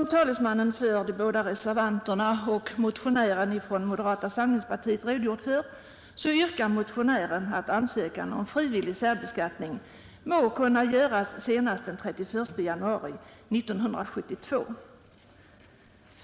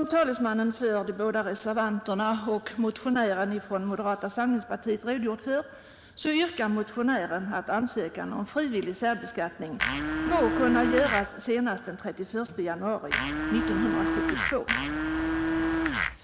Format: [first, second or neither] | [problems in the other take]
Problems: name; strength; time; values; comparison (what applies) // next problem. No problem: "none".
first | background sound (Domestic sounds, home sounds); 1 dB above the speech